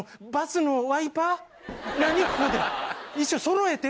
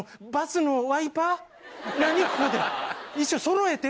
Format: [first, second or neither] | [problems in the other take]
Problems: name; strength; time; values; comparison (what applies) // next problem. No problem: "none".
second | background sound (Knock); 15 dB below the speech